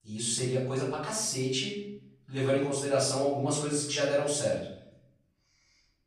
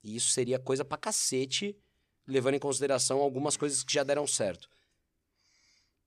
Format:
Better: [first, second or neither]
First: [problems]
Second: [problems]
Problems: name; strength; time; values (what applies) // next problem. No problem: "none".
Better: second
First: off-mic speech; far // room echo; noticeable; dies away in 0.7 s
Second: none